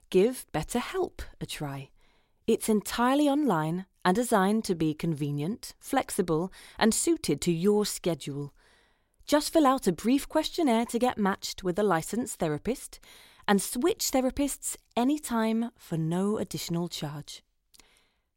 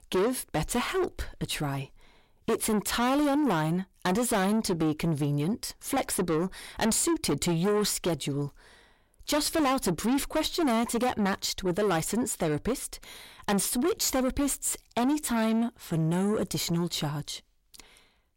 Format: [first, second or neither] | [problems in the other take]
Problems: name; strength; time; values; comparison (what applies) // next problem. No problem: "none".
first | distortion; heavy; 6 dB below the speech